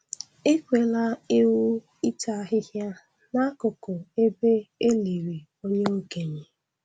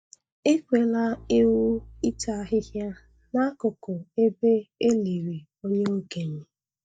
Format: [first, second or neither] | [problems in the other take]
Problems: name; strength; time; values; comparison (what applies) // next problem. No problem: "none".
first | noise reduction (neural mask model DeepFilterNet 3)